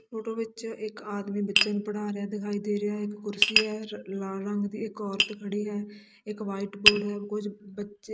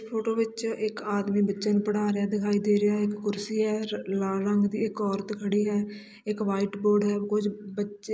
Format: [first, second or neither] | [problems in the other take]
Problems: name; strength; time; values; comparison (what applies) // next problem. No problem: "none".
second | noise reduction (neural mask model RNNoise)